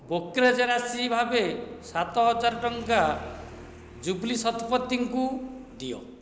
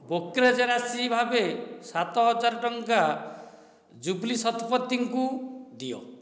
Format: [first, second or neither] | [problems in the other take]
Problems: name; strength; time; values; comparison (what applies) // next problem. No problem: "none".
second | background sound (Motorcycle); 19 dB below the speech